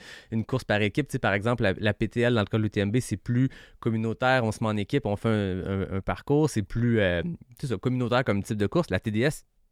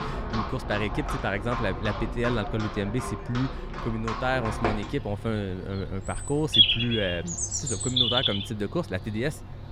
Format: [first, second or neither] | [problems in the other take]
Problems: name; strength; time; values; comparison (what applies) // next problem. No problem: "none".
first | animal sounds; very loud; throughout; 3 dB above the speech